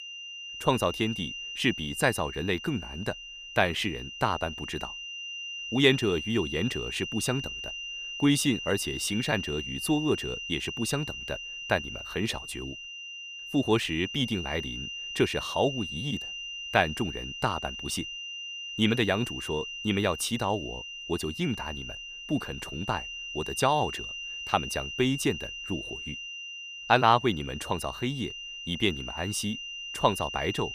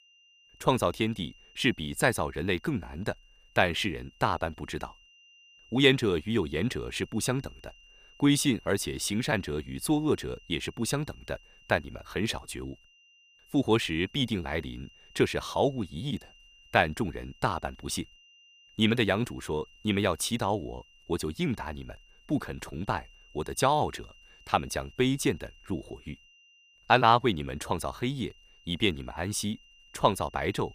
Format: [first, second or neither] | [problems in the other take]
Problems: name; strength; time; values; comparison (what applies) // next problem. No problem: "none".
second | high-pitched whine; loud; throughout; 3 kHz, 7 dB below the speech; faint in the second